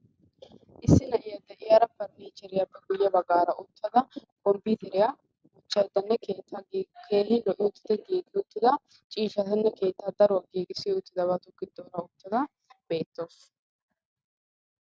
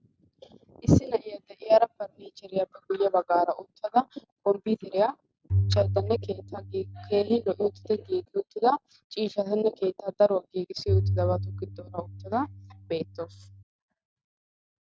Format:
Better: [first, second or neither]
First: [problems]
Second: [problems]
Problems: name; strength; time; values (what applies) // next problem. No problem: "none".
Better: first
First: none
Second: background sound (Bowed string instrument); 3 dB below the speech